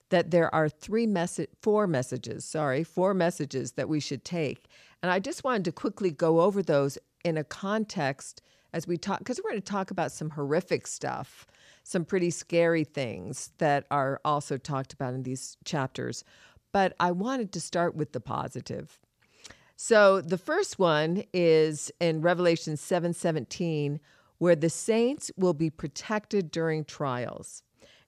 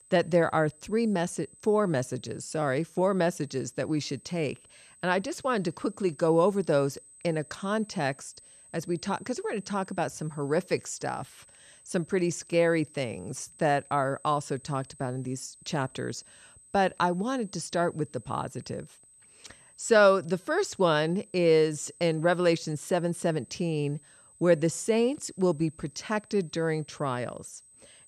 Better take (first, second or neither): first